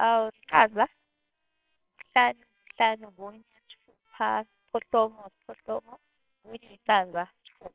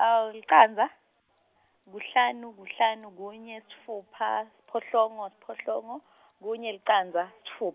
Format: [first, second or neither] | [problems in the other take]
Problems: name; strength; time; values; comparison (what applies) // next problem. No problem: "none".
second | noise reduction (neural separator model SepFormer WHAMR!)